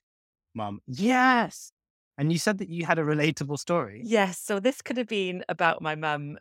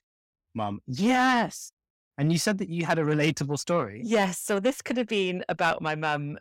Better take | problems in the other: first | distortion; slight; 10 dB below the speech

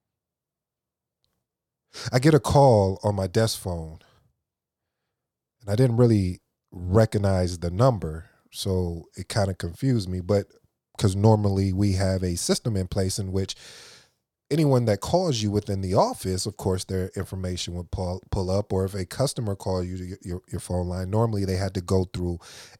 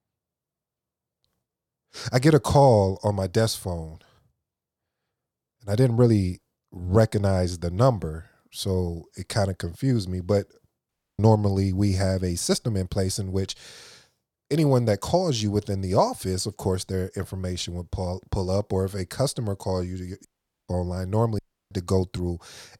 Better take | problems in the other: first | audio cutting out; at 11 s, at 20 s and at 21 s

